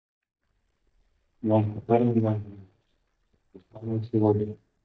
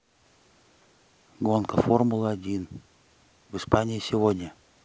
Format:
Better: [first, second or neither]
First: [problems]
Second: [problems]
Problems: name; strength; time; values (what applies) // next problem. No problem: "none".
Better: second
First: noise reduction (neural mask model DeepFilterNet 3)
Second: none